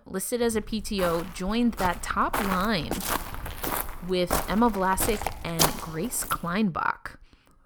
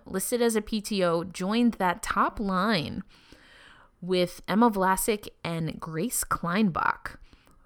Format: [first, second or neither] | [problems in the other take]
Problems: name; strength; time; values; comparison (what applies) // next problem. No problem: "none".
second | footsteps; loud; from 0.5 to 6.5 s; peak 3 dB above the speech